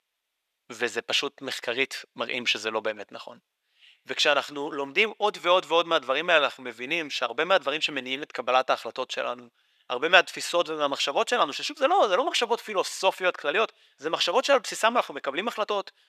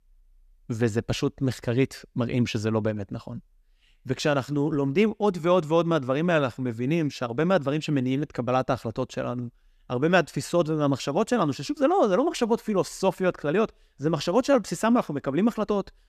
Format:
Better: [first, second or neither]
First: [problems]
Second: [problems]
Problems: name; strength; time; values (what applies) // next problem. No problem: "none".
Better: second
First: thin; very; fading below 650 Hz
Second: none